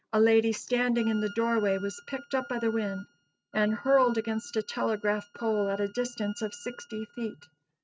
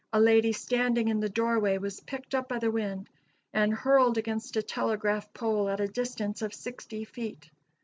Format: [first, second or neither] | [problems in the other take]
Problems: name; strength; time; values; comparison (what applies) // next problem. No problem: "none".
second | noise reduction (neural mask model RNNoise)